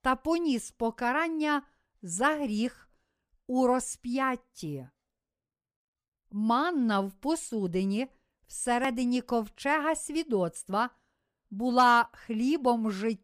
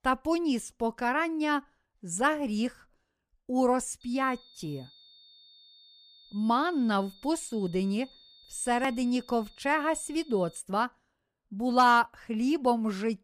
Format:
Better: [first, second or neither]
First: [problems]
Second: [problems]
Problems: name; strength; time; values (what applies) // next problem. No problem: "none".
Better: first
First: none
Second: high-pitched whine; faint; from 4 to 11 s; 3.5 kHz, 25 dB below the speech